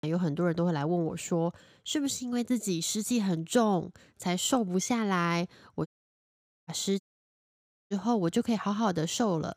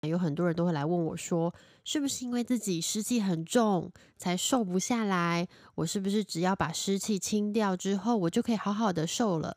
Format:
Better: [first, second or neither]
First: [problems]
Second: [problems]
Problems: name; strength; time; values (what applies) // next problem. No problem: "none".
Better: second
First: audio cutting out; at 6 s for 1 s and at 7 s for 1 s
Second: none